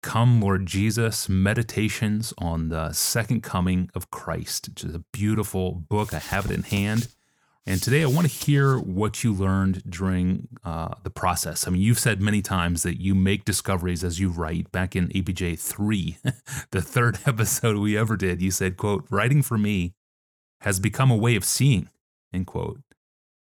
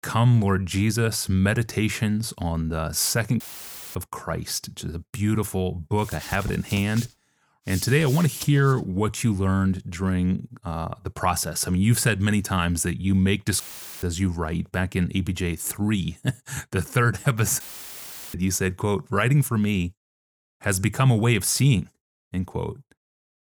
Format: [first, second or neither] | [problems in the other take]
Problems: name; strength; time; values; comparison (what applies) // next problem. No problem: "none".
first | audio cutting out; filled with static; at 3.5 s for 0.5 s, at 14 s and at 18 s for 0.5 s